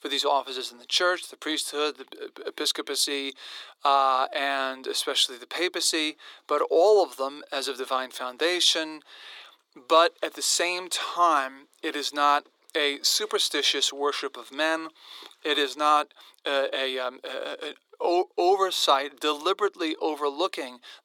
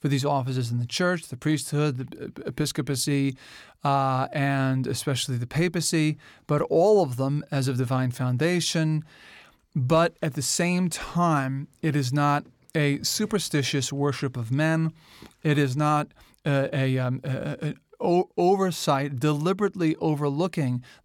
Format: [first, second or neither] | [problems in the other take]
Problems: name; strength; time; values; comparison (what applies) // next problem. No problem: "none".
second | thin; very; fading below 350 Hz